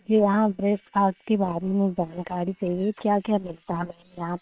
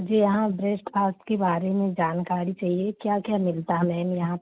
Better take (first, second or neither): second